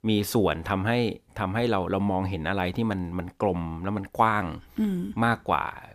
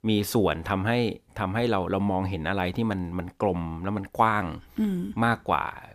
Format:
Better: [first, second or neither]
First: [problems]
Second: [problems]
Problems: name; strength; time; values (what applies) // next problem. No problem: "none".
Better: neither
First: none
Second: none